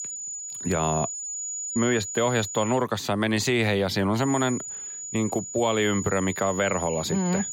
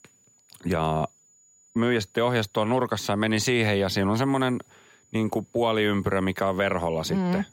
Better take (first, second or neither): second